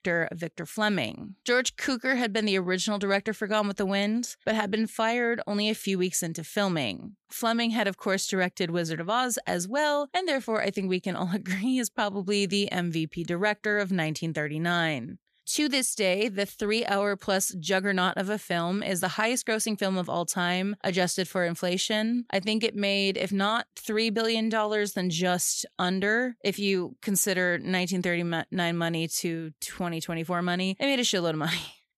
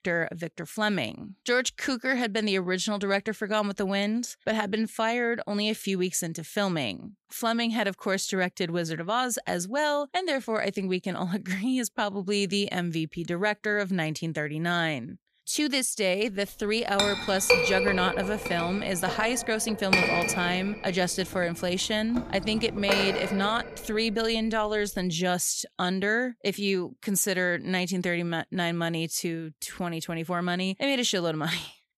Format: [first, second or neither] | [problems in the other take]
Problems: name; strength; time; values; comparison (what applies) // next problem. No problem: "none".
first | clattering dishes; loud; from 17 to 23 s; peak 6 dB above the speech